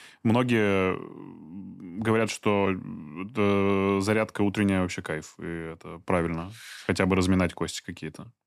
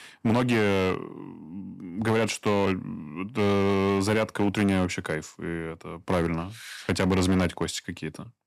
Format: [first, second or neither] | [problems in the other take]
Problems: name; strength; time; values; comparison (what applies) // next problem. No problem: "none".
first | distortion; slight; 7% of the sound clipped